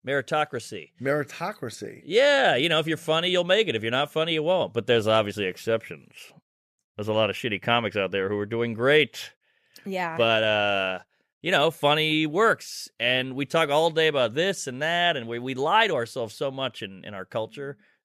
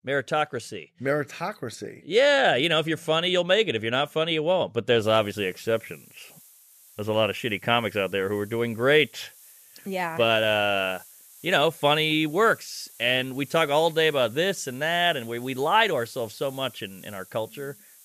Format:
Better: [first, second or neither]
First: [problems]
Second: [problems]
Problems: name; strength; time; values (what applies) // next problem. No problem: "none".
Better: first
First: none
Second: hiss; faint; from 5 s on; 25 dB below the speech